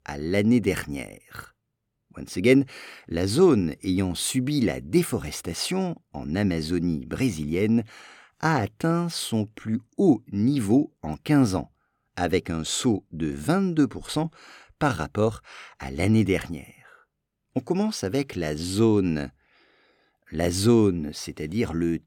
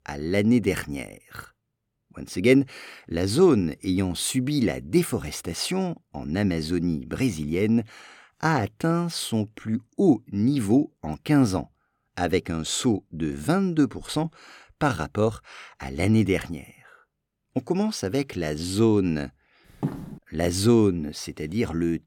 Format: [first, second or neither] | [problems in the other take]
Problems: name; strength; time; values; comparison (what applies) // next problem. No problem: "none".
first | footsteps; noticeable; at 20 s; peak 7 dB below the speech